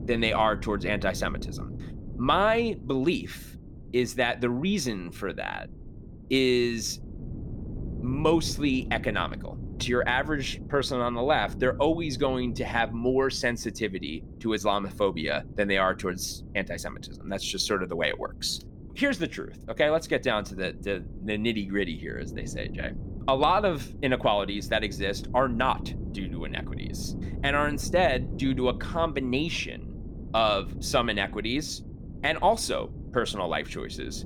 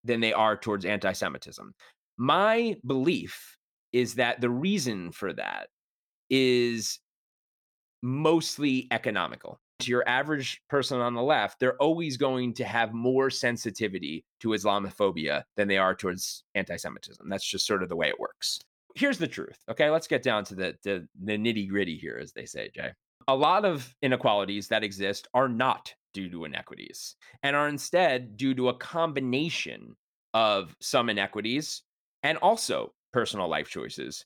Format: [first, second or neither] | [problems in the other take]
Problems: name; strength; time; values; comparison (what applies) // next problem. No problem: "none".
second | wind noise on the microphone; occasional gusts; 20 dB below the speech